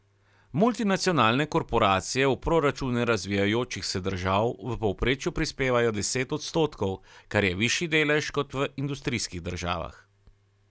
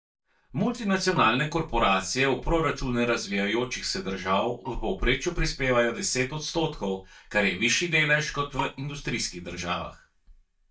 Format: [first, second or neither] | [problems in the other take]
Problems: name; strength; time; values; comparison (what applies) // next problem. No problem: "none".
first | noise reduction (neural mask model DeepFilterNet 3)